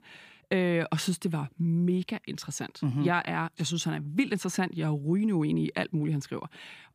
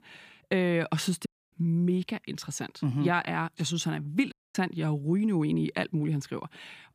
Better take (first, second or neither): first